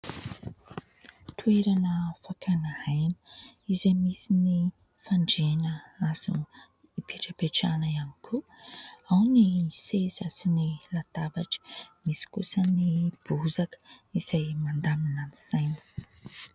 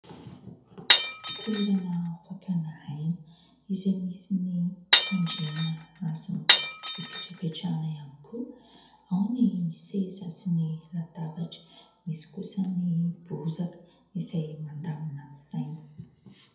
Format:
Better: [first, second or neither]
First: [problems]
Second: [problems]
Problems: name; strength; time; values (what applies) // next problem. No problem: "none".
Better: first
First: none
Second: background sound (Glass); 5 dB above the speech // room echo; dies away in 0.7 s